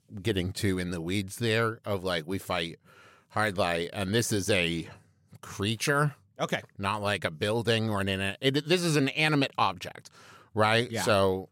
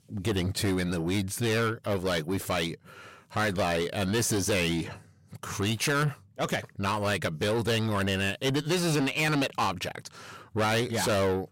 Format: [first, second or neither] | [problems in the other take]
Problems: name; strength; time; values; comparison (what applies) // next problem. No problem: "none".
first | distortion; heavy; 7 dB below the speech